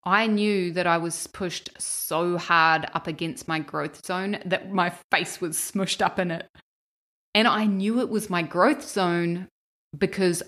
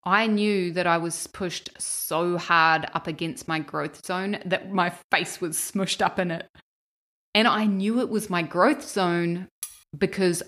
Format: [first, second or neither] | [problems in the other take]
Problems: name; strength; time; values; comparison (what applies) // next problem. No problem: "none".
first | clattering dishes; faint; at 9.5 s; peak 15 dB below the speech